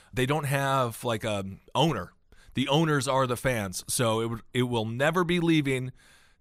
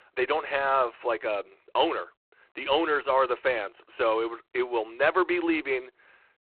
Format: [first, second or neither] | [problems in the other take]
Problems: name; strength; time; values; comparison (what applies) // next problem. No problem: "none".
first | phone-call audio; poor line